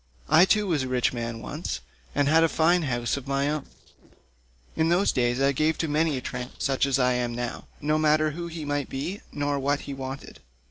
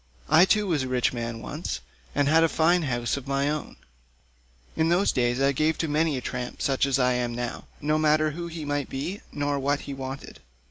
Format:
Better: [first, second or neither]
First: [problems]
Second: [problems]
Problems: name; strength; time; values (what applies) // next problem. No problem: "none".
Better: second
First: noise reduction (neural separator model SepFormer DNS4)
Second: none